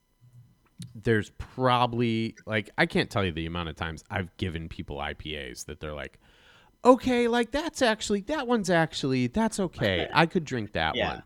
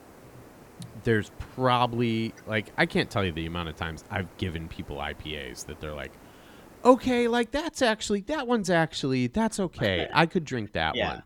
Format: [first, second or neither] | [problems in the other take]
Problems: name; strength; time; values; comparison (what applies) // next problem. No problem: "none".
first | hiss; faint; until 7.5 s; 25 dB below the speech